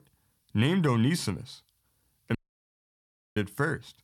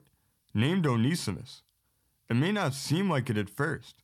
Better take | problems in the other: second | audio cutting out; at 2.5 s for 1 s

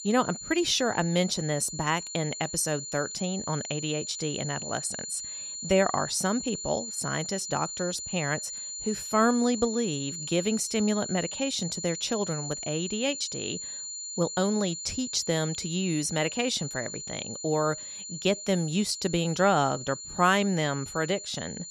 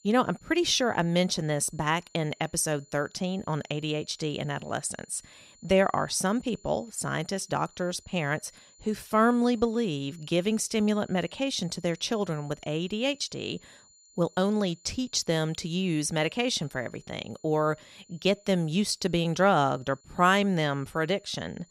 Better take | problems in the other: second | high-pitched whine; loud; throughout; 7 kHz, 7 dB below the speech; faint in the second

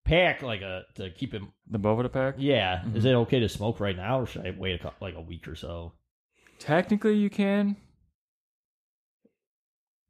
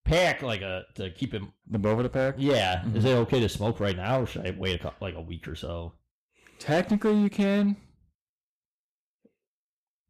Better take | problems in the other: first | distortion; slight; 5% of the sound clipped

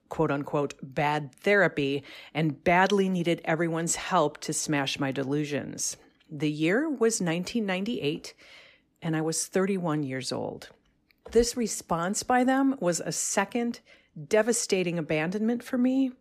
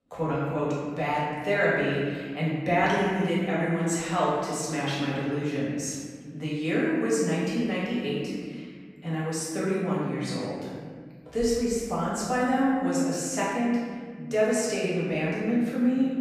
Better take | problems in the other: first | room echo; strong; dies away in 1.7 s // off-mic speech; far

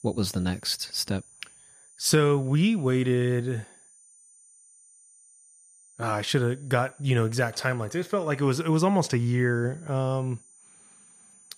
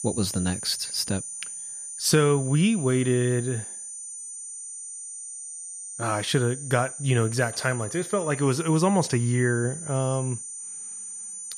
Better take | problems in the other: first | high-pitched whine; loud; throughout; 9 kHz, 9 dB below the speech; faint in the first

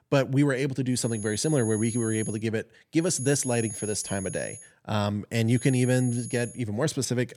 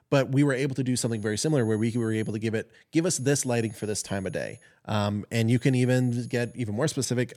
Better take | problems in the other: second | high-pitched whine; loud; from 1 to 2.5 s, from 3 to 4.5 s and from 5.5 to 6.5 s; 10.5 kHz, 10 dB below the speech; faint in the second

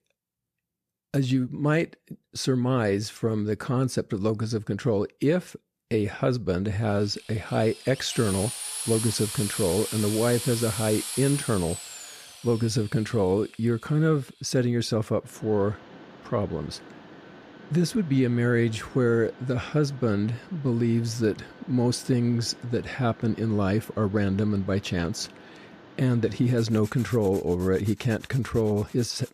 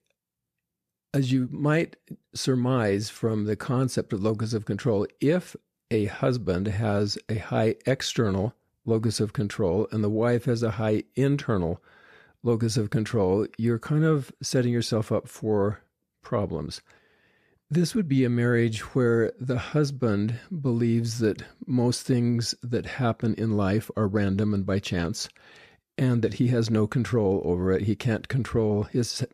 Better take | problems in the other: second | machinery noise; noticeable; from 7 s on; 10 dB below the speech

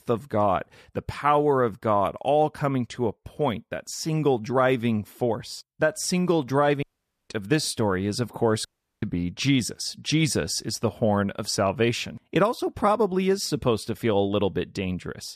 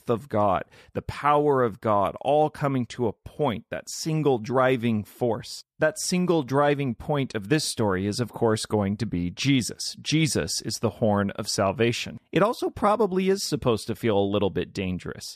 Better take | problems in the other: second | audio cutting out; at 7 s and at 8.5 s

